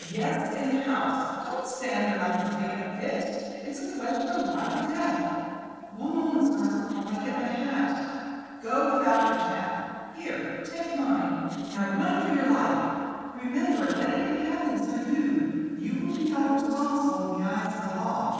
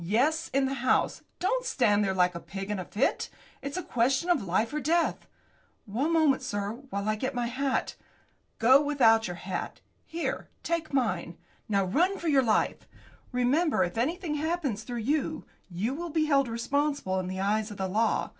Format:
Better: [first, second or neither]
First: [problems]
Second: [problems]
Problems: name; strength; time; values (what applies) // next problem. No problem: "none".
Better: second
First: noise reduction (neural separator model SepFormer DNS4)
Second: none